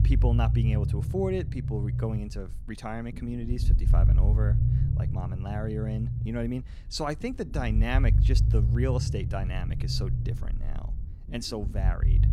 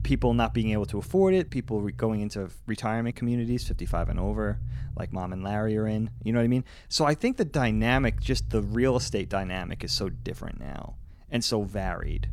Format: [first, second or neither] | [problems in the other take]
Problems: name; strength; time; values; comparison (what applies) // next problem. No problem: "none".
second | low rumble; loud; throughout; 6 dB below the speech; faint in the second